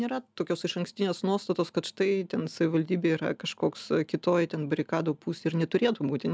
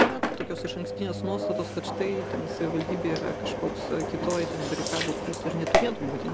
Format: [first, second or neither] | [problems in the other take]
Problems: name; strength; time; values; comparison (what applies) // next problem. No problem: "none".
first | background sound (Engine); 2 dB above the speech